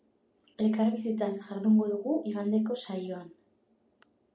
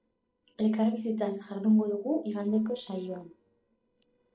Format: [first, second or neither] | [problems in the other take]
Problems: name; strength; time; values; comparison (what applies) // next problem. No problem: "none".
first | noise reduction (neural separator model SepFormer DNS4)